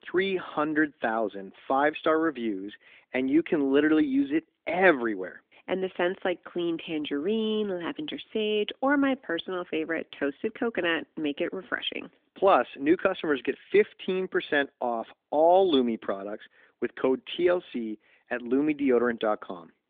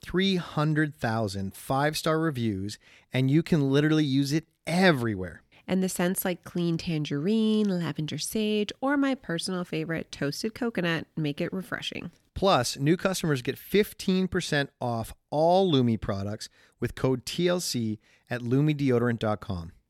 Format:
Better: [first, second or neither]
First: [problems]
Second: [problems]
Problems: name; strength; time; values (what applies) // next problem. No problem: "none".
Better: second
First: phone-call audio; nothing above 3.5 kHz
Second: none